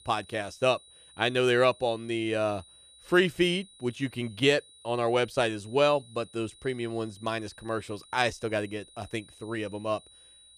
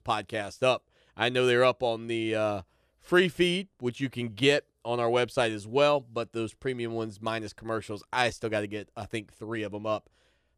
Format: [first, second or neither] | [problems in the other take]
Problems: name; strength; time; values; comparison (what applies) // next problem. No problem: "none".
second | high-pitched whine; faint; throughout; 4 kHz, 25 dB below the speech